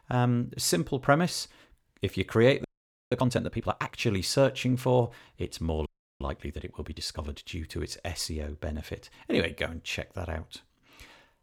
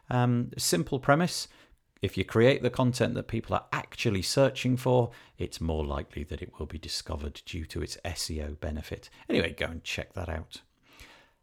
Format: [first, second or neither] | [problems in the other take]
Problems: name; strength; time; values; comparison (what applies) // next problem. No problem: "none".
second | audio freezing; at 2.5 s and at 6 s